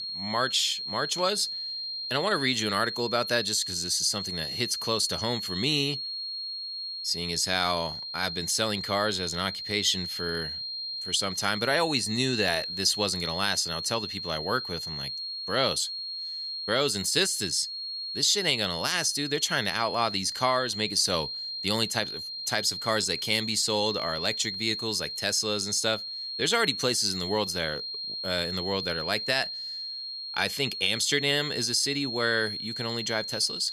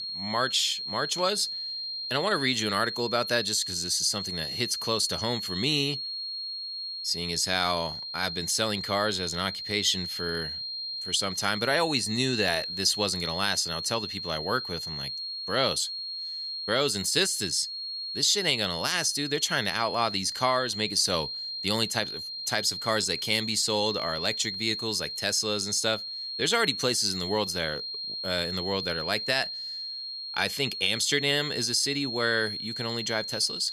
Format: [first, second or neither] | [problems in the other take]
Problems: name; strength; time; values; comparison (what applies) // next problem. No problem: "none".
neither | high-pitched whine; loud; throughout; 4 kHz, 5 dB below the speech; the same in both